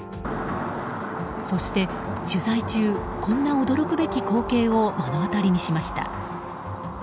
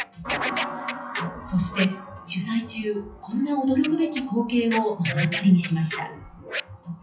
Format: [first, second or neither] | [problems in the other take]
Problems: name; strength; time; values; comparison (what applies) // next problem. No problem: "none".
first | noise reduction (classical method WPE with log-MMSE)